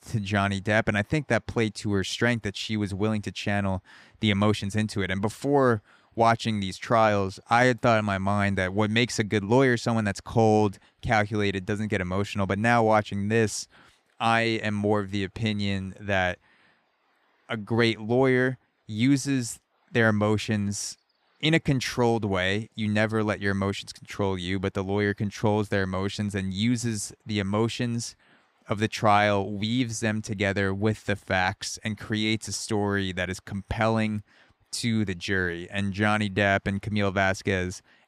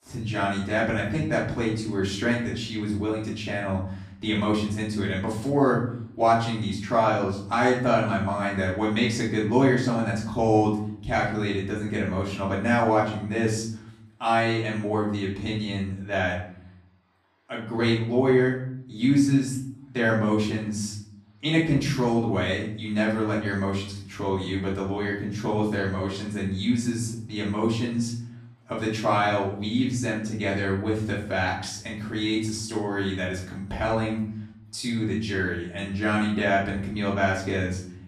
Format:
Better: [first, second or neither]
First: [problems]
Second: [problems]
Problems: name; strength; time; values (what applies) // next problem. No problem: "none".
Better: first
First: none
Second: off-mic speech; far // room echo; noticeable; dies away in 0.7 s